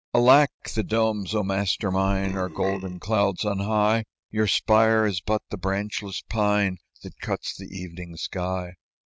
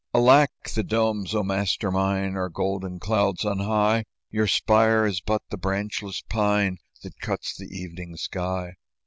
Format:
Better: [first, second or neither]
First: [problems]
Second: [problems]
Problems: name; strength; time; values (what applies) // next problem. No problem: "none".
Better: second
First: noise reduction (neural mask model RNNoise)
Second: none